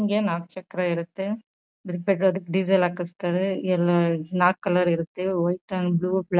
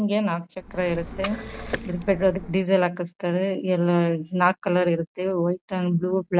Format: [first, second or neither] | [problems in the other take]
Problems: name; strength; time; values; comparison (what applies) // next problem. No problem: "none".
first | background sound (Liquid); 11 dB below the speech